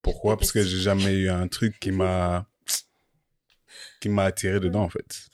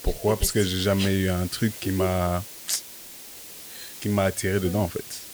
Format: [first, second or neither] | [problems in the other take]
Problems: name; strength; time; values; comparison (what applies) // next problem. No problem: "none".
first | hiss; noticeable; throughout; 10 dB below the speech